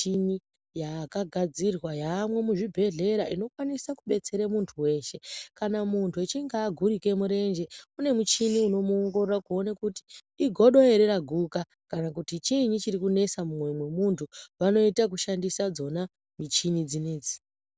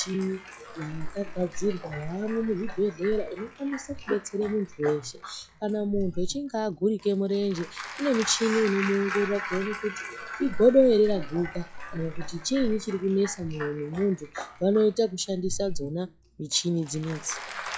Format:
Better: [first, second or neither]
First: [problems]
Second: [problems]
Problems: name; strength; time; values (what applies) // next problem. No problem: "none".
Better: first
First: none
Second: noise reduction (classical method log-MMSE)